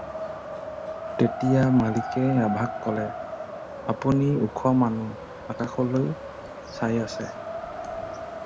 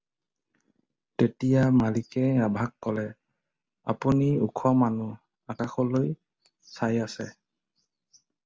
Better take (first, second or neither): second